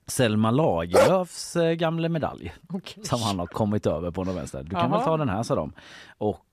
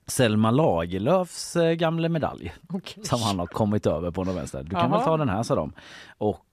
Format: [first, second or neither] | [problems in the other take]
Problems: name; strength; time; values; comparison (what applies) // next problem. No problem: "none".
second | dog barking; loud; at 1 s; peak 5 dB above the speech